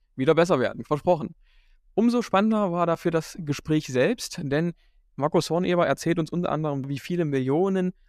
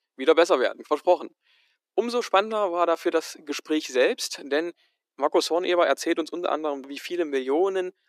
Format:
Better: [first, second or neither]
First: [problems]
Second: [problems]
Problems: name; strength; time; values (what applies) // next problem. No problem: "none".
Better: first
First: none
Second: thin; somewhat; fading below 300 Hz